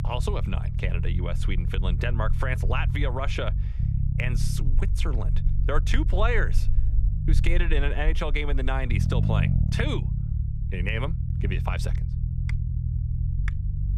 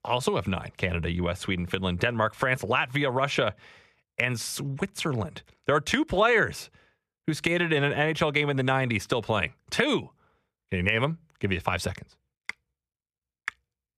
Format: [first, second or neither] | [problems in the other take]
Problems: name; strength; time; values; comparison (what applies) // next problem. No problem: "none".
second | low rumble; loud; throughout; 10 dB below the speech